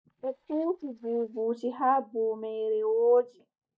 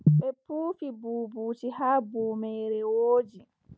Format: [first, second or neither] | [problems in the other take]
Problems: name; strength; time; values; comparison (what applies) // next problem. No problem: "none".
second | noise reduction (neural mask model DeepFilterNet 3)